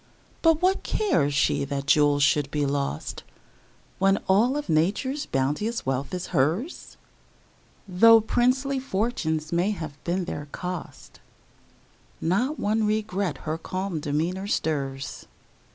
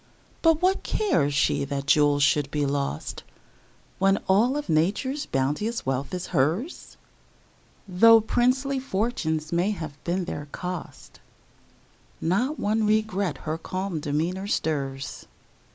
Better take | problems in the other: first | background sound (Snare drum); 13 dB below the speech

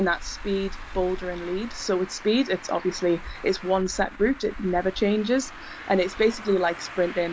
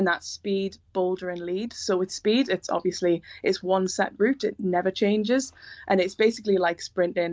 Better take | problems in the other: second | background sound (Traffic noise, roadway noise); 13 dB below the speech

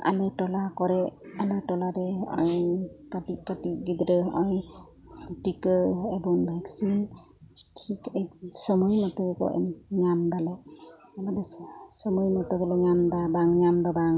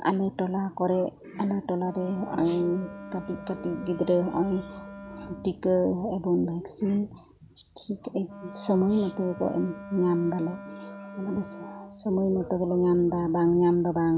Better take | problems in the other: first | background sound (Wind instrument, woodwind instrument); 17 dB below the speech

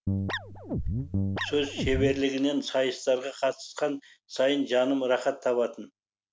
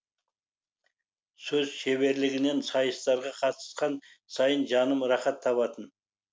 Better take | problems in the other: second | background sound (Guitar); 2 dB below the speech

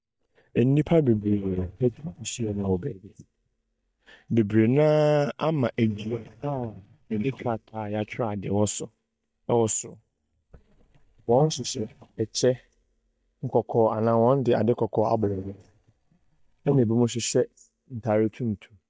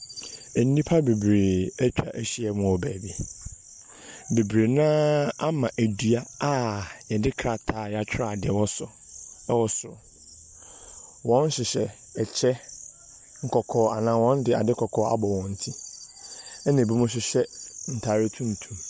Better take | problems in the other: second | noise reduction (neural mask model DeepFilterNet 3)

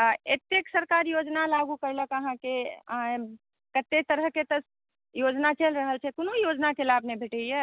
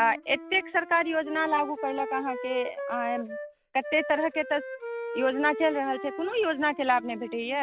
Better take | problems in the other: first | background sound (Wind instrument, woodwind instrument); 10 dB below the speech

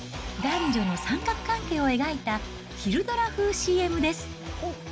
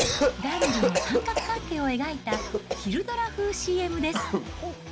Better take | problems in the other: first | background sound (Cough); 1 dB below the speech

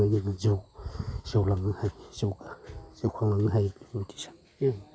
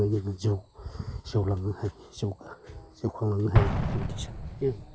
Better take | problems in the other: first | background sound (Explosion); 4 dB below the speech

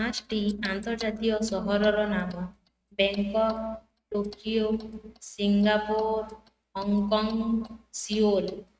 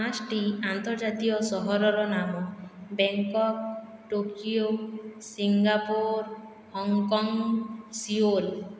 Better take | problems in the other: second | noise reduction (neural mask model RNNoise)

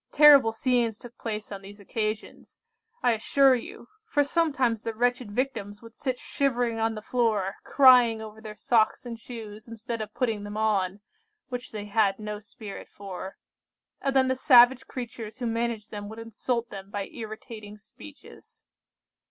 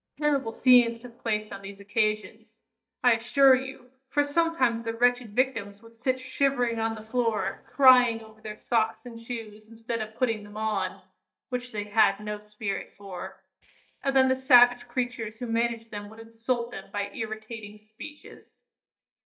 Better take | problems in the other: first | noise reduction (neural mask model DeepFilterNet 3)

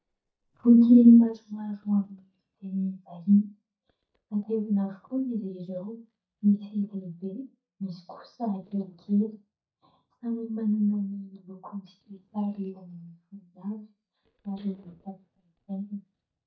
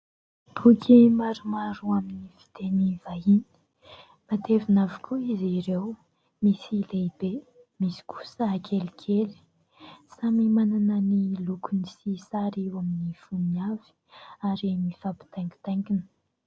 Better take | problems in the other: second | noise reduction (neural mask model DeepFilterNet 3)

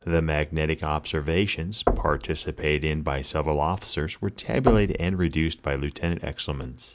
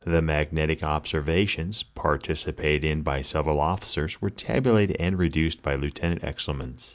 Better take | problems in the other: second | background sound (Knock / Wood); 6 dB below the speech

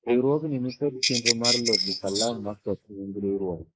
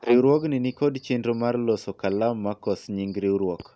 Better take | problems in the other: second | noise reduction (neural mask model Resemble Enhance denoiser)

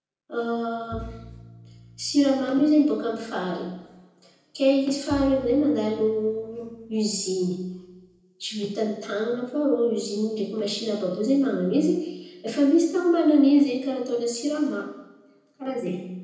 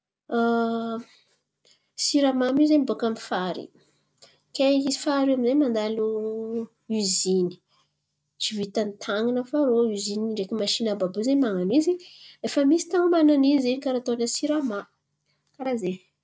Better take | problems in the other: second | background sound (Bowed string instrument); 20 dB below the speech // room echo; dies away in 0.9 s

